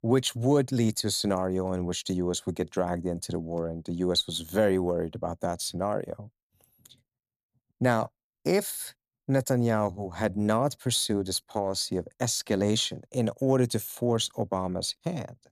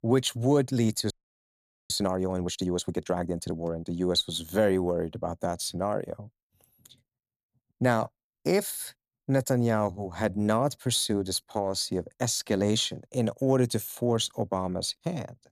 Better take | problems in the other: first | audio freezing; at 1 s for 1 s

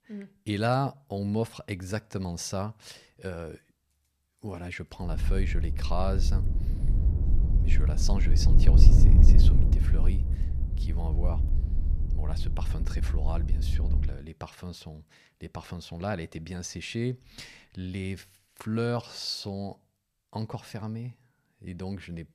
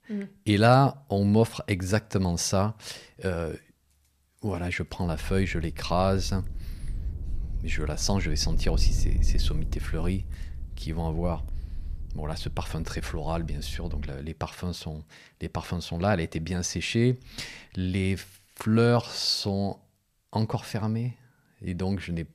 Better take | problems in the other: second | low rumble; loud; from 5 to 14 s; 6 dB below the speech; faint in the second

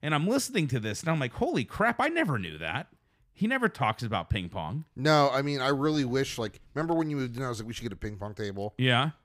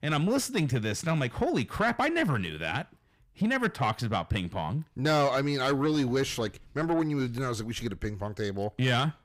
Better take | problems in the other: first | distortion; slight; 10 dB below the speech

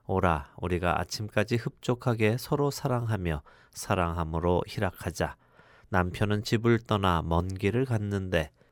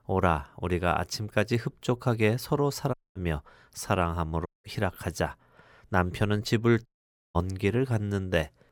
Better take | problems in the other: first | audio cutting out; at 3 s, at 4.5 s and at 7 s

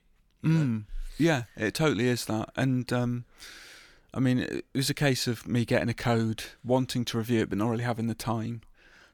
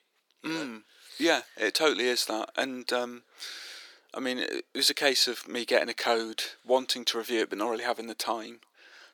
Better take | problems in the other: first | thin; very; fading below 350 Hz

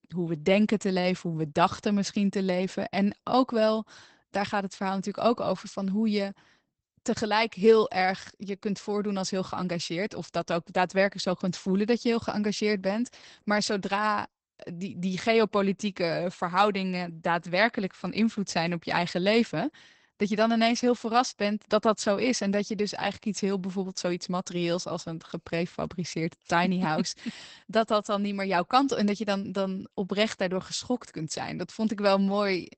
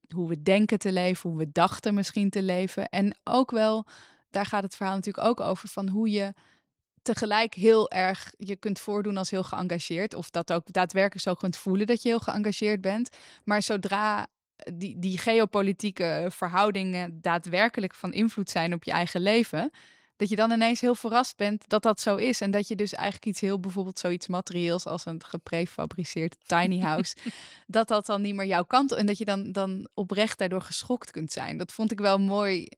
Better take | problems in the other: second | garbled, watery; badly; nothing above 8 kHz; slightly in the second

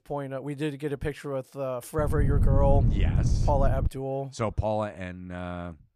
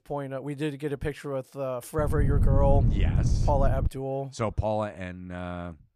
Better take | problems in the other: neither | wind noise on the microphone; heavy; from 2 to 4 s; 8 dB below the speech; the same in both

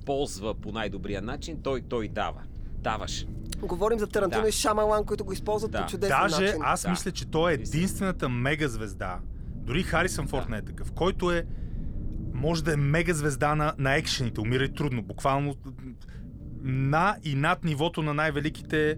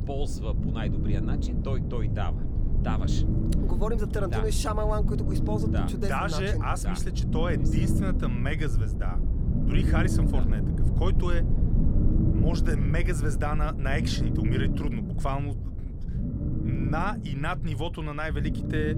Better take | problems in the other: first | low rumble; loud; throughout; 5 dB below the speech; faint in the first

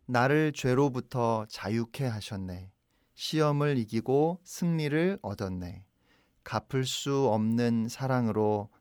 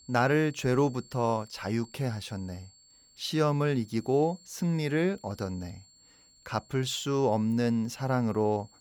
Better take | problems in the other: first | high-pitched whine; faint; throughout; 4.5 kHz, 25 dB below the speech

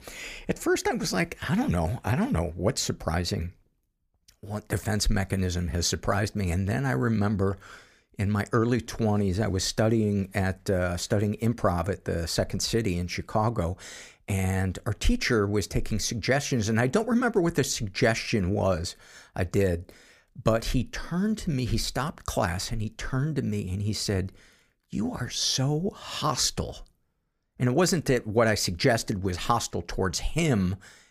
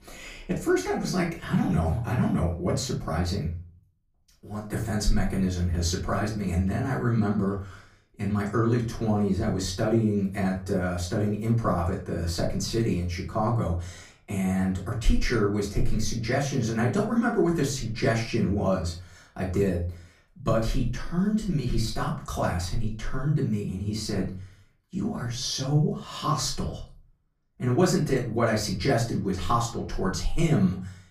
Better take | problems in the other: first | off-mic speech; far // room echo; slight; dies away in 0.4 s

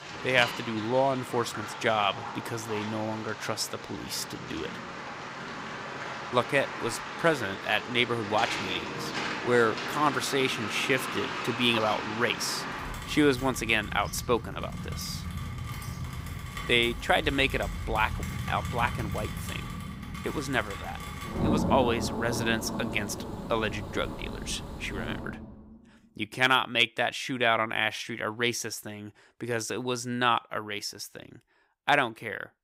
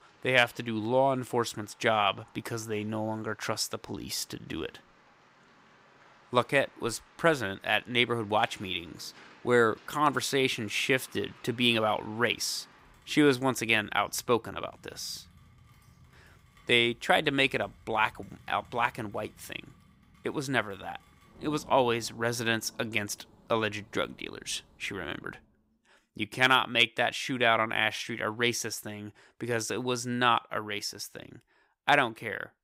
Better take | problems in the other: second | rain or running water; loud; until 25 s; 7 dB below the speech; faint in the second

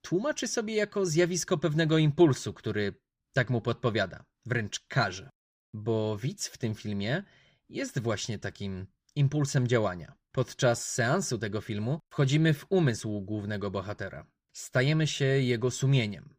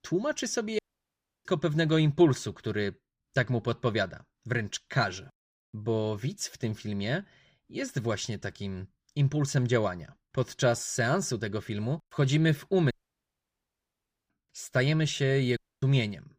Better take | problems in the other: first | audio cutting out; at 1 s for 0.5 s, at 13 s for 1.5 s and at 16 s

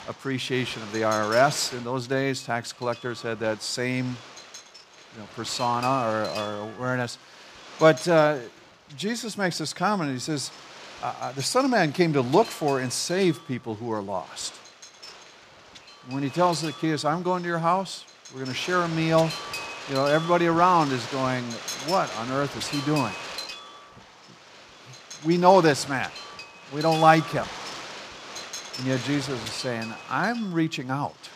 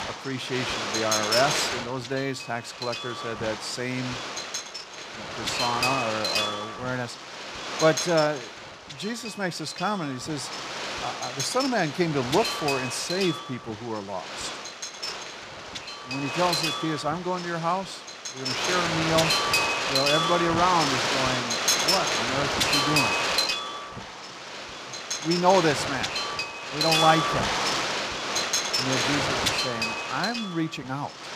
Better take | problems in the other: first | wind noise on the microphone; heavy; 2 dB above the speech; occasional gusts in the first

